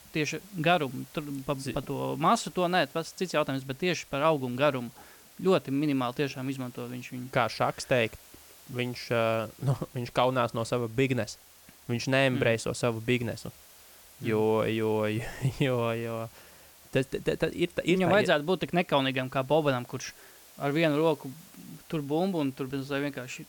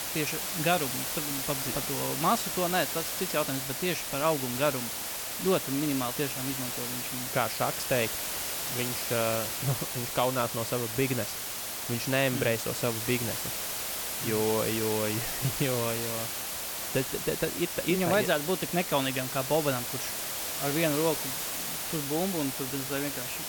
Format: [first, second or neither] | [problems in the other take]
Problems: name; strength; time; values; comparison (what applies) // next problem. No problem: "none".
first | hiss; loud; throughout; 1 dB below the speech; faint in the first